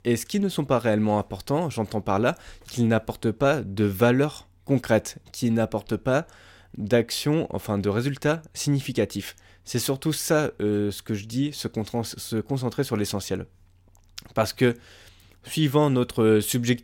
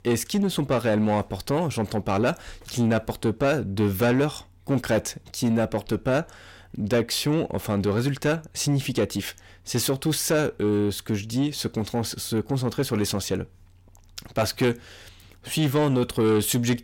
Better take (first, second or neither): first